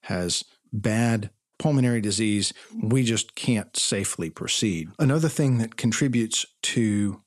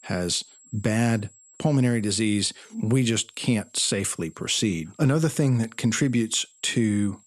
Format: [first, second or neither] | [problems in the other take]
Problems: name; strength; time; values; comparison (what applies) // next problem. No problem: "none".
first | high-pitched whine; faint; throughout; 7.5 kHz, 30 dB below the speech